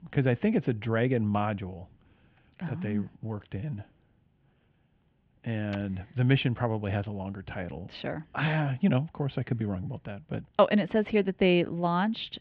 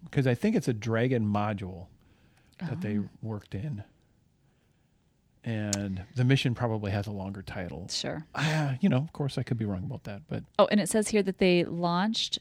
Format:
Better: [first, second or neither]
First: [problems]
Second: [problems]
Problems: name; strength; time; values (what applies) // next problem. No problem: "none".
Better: second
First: muffled; very; fading above 3 kHz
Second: none